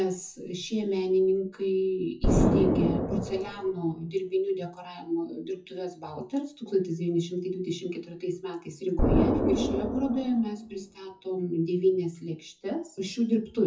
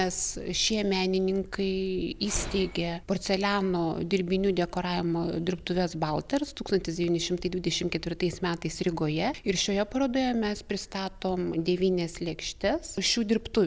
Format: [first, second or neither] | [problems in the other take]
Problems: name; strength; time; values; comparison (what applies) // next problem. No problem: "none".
second | noise reduction (classical method WPE with log-MMSE)